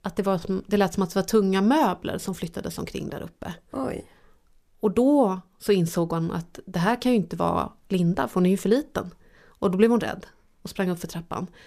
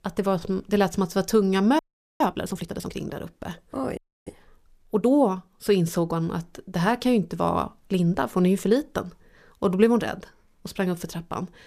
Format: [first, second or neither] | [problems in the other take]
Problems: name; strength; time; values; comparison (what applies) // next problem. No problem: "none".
first | audio freezing; at 2 s and at 4 s